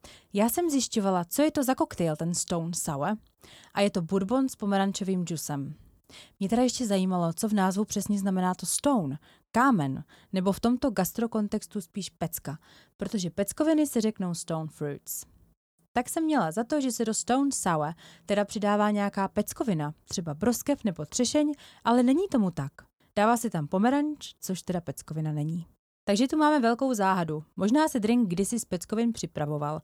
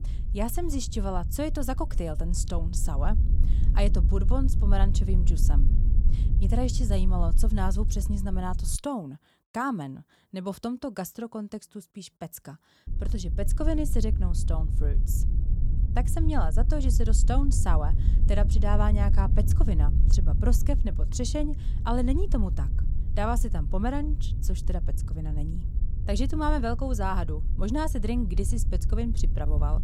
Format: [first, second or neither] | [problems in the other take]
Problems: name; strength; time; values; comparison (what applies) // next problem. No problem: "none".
first | wind noise on the microphone; occasional gusts; until 9 s and from 13 s on; 10 dB below the speech